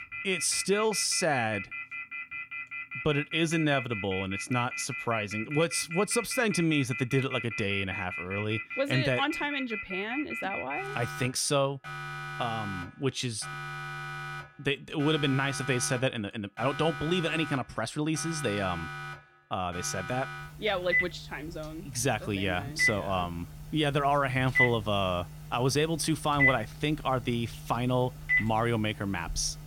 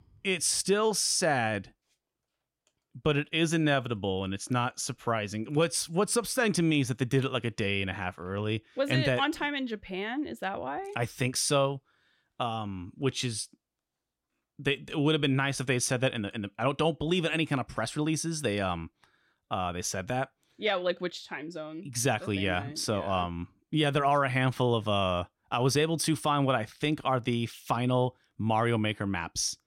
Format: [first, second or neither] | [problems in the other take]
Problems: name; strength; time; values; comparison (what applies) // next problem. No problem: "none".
second | alarms or sirens; loud; throughout; 4 dB below the speech